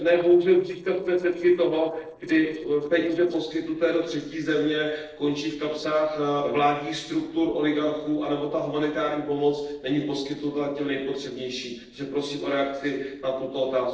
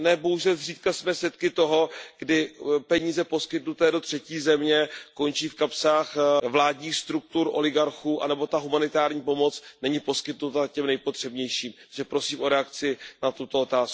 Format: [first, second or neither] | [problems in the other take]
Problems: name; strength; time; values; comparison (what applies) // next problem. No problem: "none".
second | noise reduction (neural separator model SepFormer DNS4)